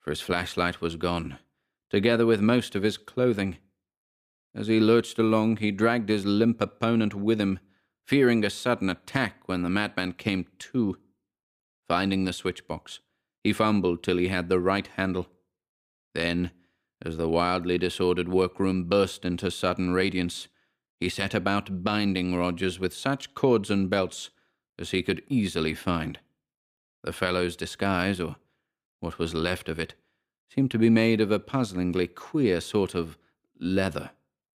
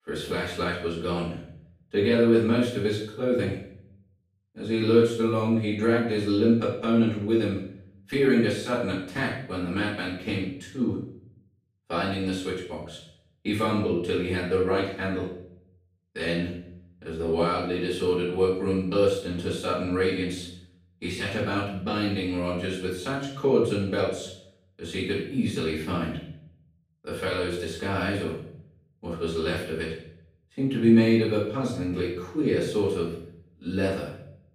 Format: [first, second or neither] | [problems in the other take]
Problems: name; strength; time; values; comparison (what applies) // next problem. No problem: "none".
first | room echo; noticeable; dies away in 0.6 s // off-mic speech; far